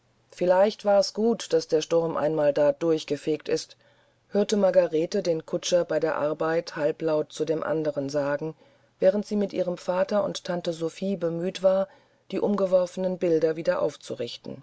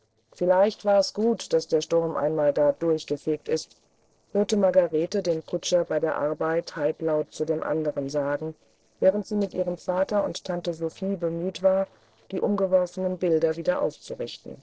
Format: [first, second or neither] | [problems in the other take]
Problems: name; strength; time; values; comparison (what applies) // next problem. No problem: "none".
first | noise reduction (neural separator model SepFormer DNS4)